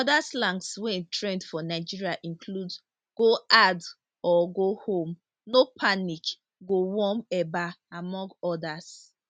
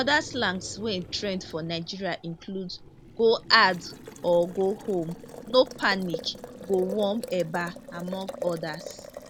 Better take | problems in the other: first | background sound (Boiling); 14 dB below the speech

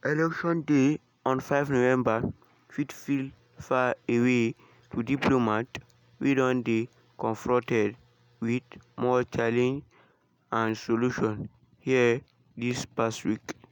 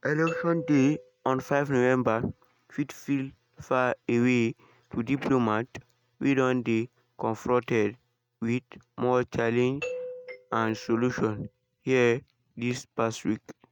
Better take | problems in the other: first | noise reduction (neural mask model RNNoise)

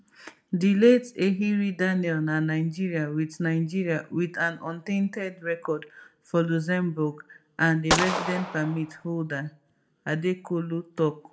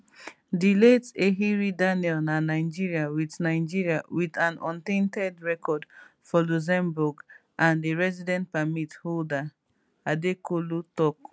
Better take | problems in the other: second | background sound (Gunshot, gunfire); 3 dB below the speech // room echo; dies away in 0.3 s

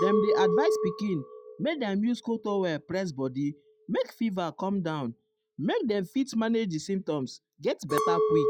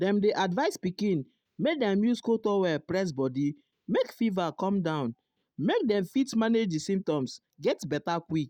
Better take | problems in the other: second | noise reduction (classical method log-MMSE)

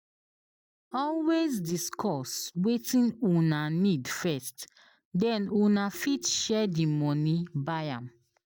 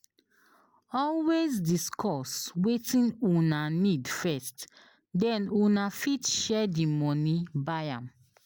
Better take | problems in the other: second | noise reduction (neural mask model DeepFilterNet 3)

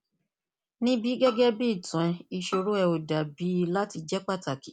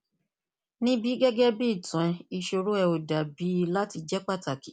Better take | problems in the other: second | background sound (Bowed string instrument); 15 dB below the speech

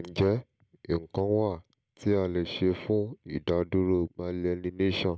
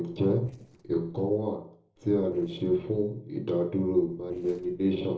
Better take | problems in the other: first | noise reduction (neural separator model SepFormer DNS4)

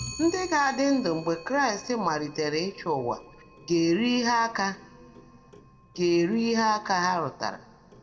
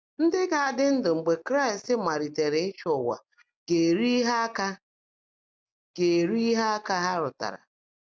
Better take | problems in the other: second | background sound (Clock); 19 dB below the speech // room echo; dies away in 1.5 s

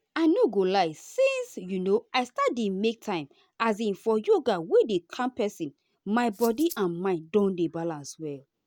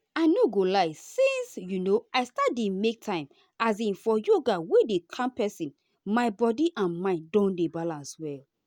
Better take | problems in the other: second | background sound (Rattle (instrument)); 16 dB below the speech

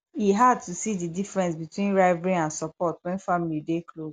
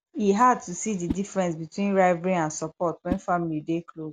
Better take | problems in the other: first | background sound (Whoosh, swoosh, swish); 15 dB below the speech

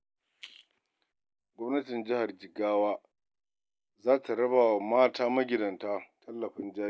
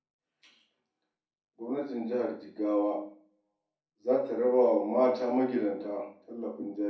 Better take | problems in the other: first | room echo; dies away in 0.5 s

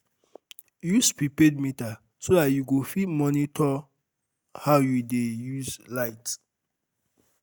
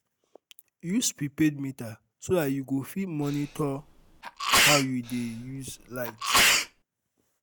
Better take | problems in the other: first | background sound (Sneeze); 4 dB above the speech

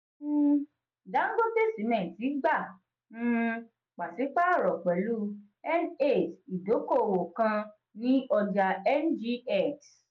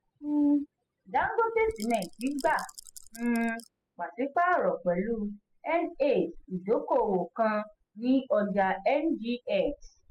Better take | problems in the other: first | noise reduction (classical method spectral subtraction)

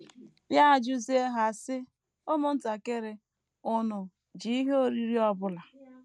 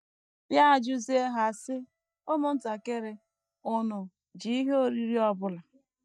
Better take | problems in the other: first | noise reduction (neural mask model DeepFilterNet 3)

